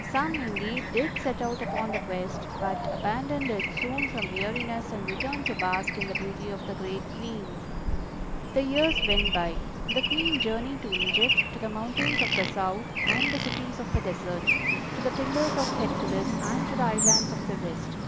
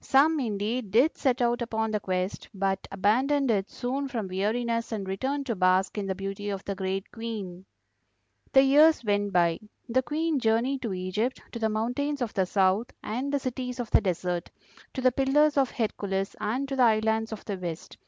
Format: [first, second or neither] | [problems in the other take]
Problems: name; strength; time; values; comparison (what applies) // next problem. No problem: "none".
second | background sound (Livestock, farm animals, working animals + Traffic noise, roadway noise / Bird); 2 dB above the speech